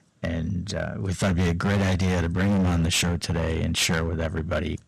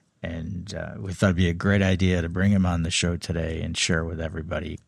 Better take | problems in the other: second | distortion; heavy; 17% of the sound clipped

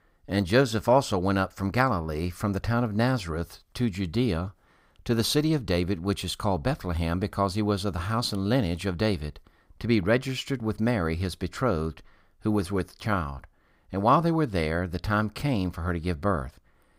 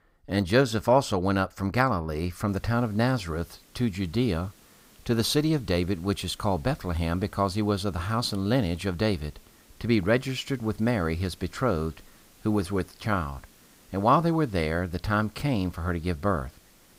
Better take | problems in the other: first | hiss; faint; from 2.5 s on; 30 dB below the speech

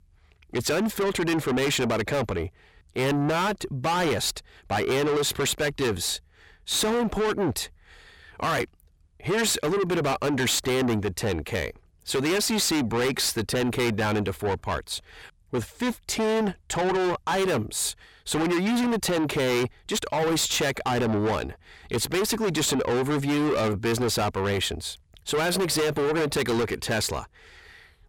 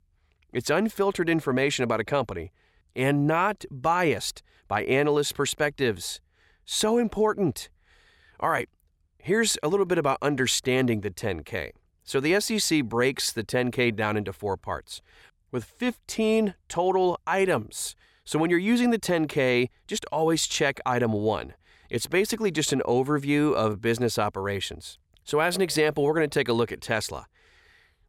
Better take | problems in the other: second | distortion; heavy; 6 dB below the speech

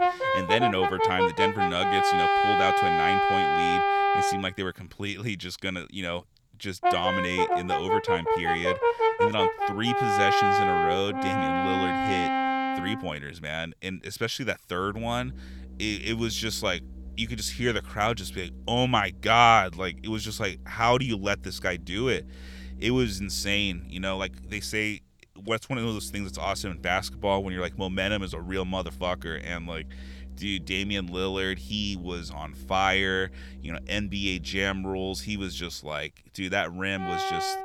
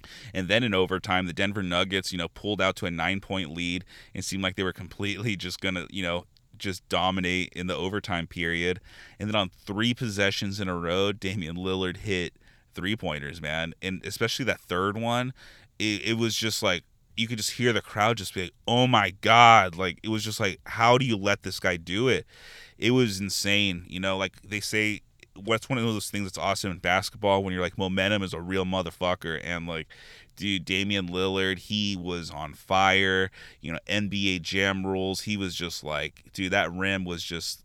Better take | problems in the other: second | background music; very loud; throughout; 4 dB above the speech

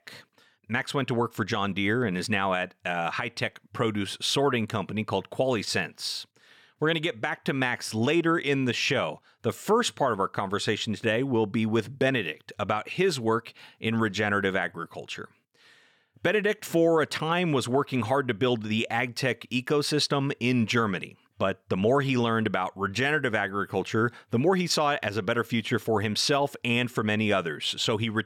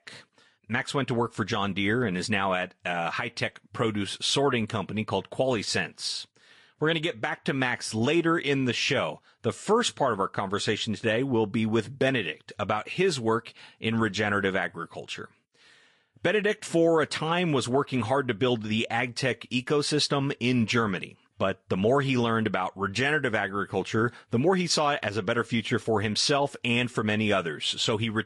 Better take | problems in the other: first | garbled, watery; slightly; nothing above 11 kHz

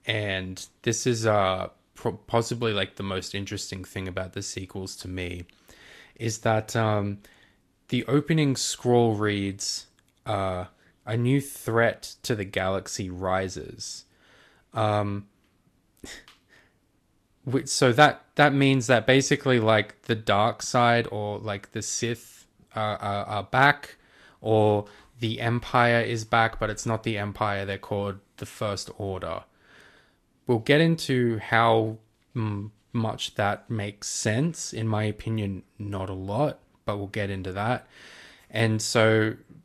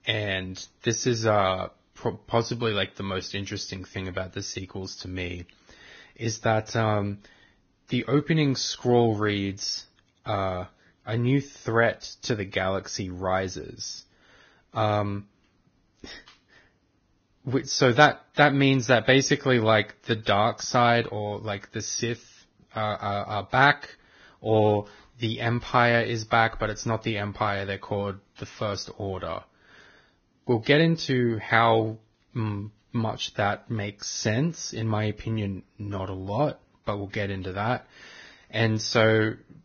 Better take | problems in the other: first | garbled, watery; badly; nothing above 6.5 kHz; slightly in the first

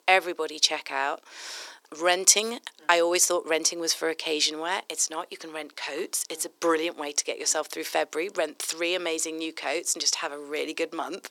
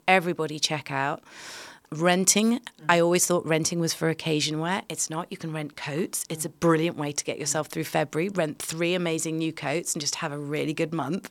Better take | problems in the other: second | thin; very; fading below 350 Hz

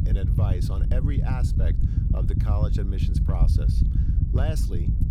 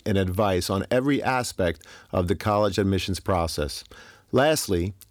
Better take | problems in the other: second | low rumble; loud; throughout; as loud as the speech

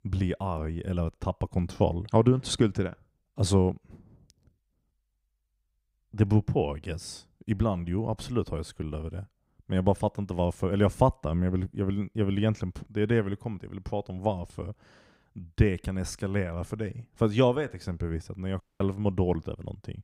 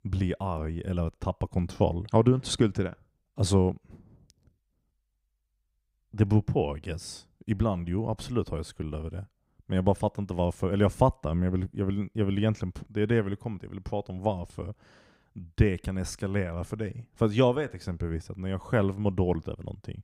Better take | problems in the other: second | audio cutting out; at 19 s

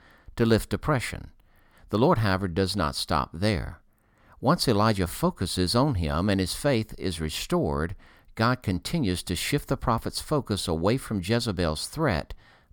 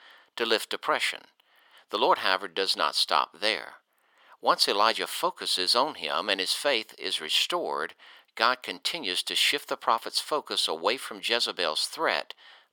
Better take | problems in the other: first | thin; very; fading below 400 Hz

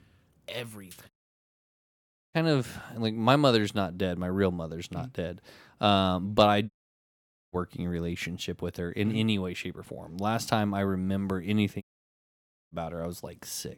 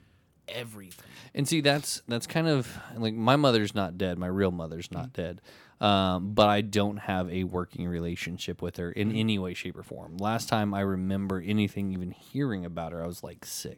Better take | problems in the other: second | audio cutting out; at 1 s for 1 s, at 6.5 s for 1 s and at 12 s for 1 s

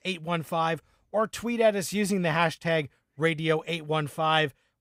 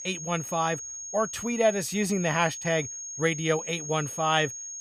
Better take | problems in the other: first | high-pitched whine; loud; throughout; 6.5 kHz, 8 dB below the speech

